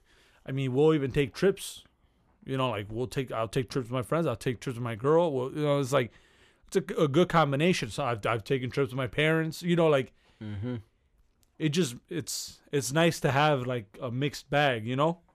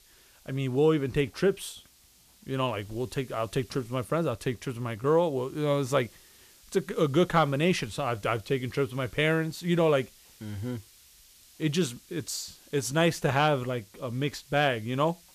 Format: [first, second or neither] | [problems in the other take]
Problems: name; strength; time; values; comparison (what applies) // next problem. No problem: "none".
first | hiss; faint; throughout; 25 dB below the speech